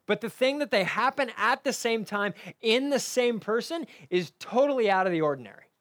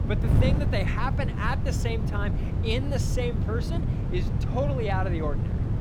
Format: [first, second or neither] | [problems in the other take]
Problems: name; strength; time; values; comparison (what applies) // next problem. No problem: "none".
first | wind noise on the microphone; heavy; 6 dB below the speech